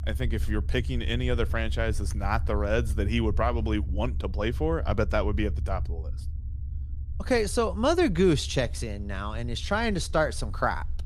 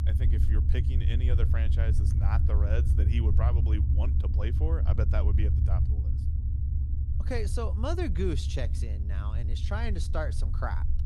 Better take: first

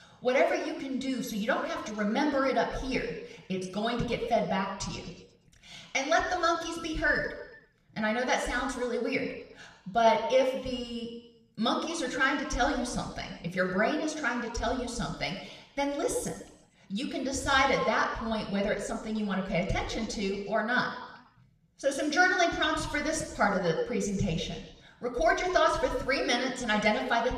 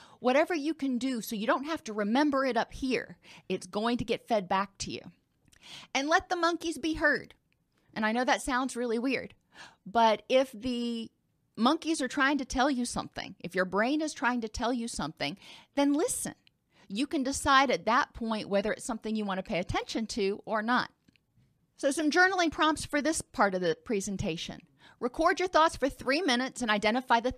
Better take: second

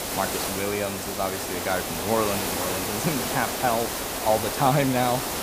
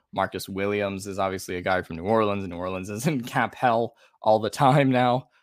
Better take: second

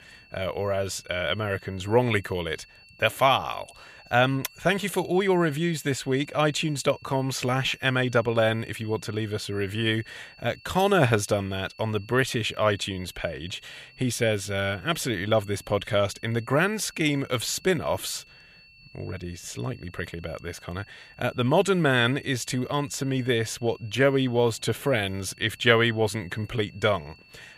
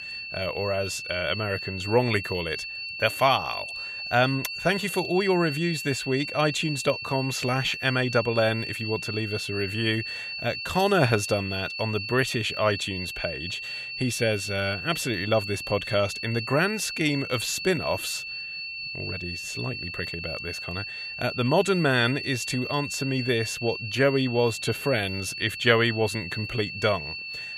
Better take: first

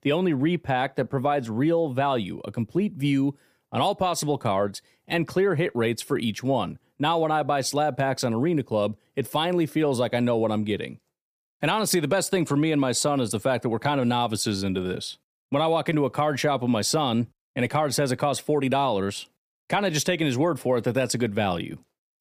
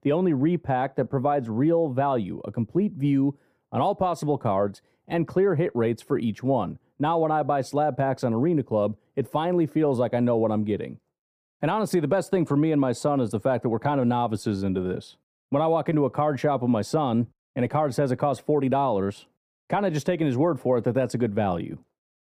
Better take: first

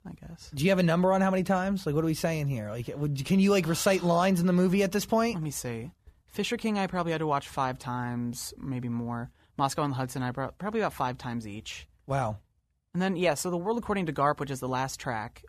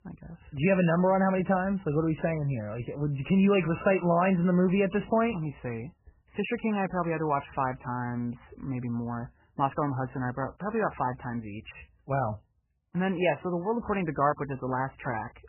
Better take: first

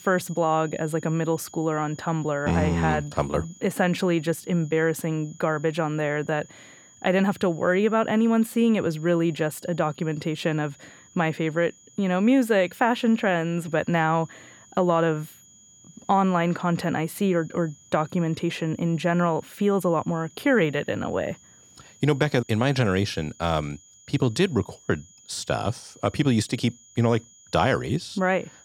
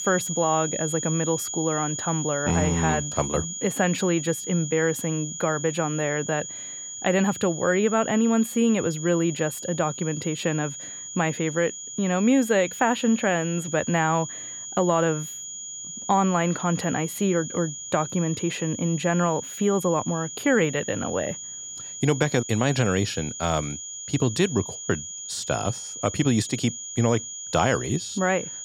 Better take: first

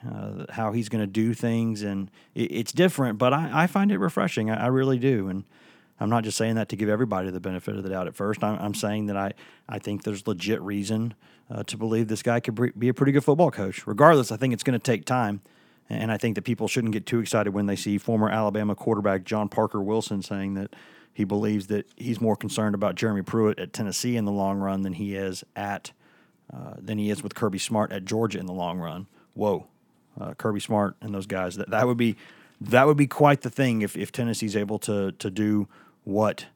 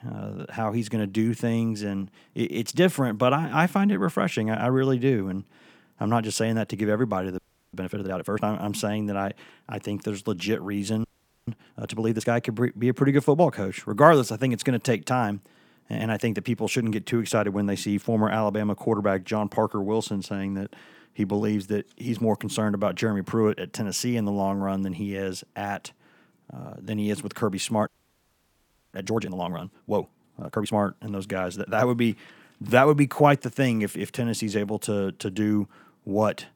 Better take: first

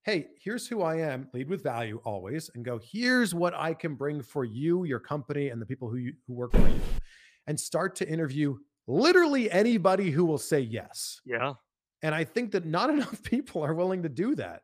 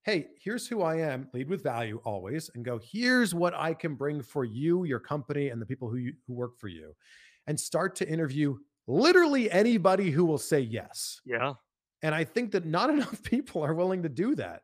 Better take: second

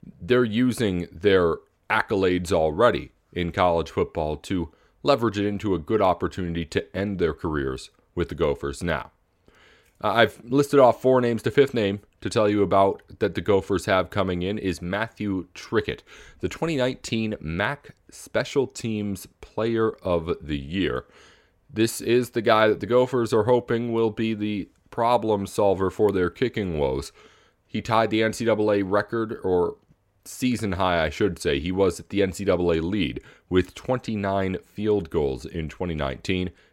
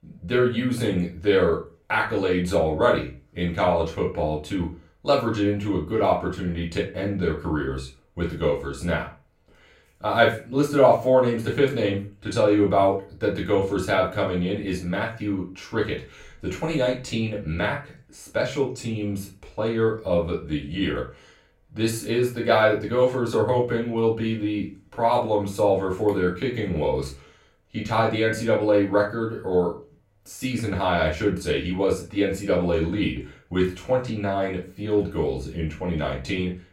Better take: first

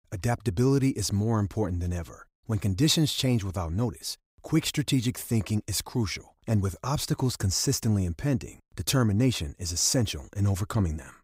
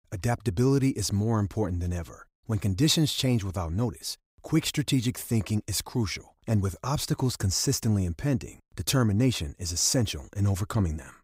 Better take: neither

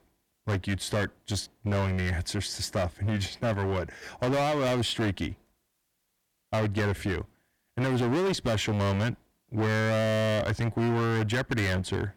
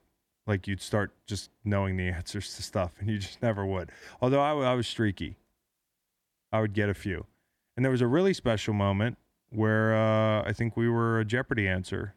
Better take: second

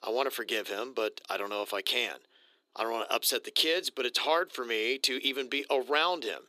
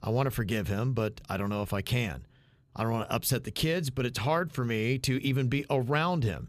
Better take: second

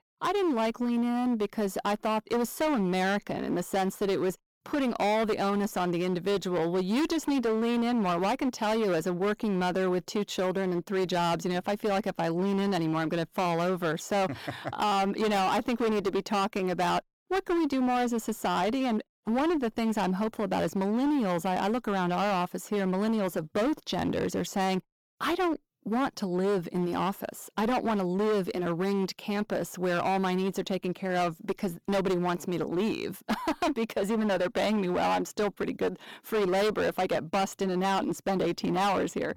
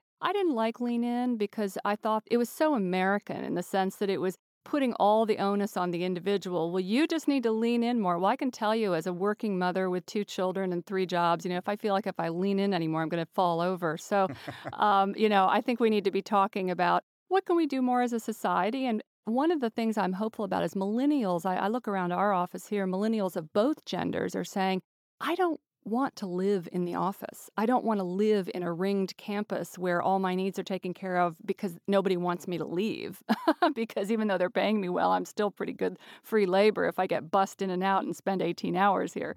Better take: second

